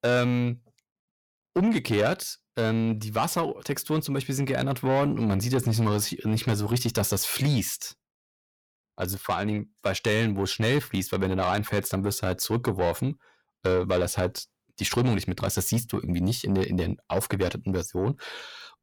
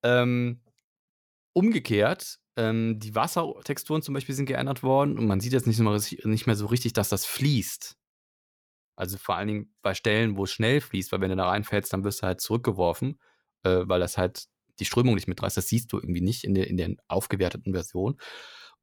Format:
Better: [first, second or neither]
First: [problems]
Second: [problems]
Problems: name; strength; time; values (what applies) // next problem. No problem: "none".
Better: second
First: distortion; slight; 10 dB below the speech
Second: none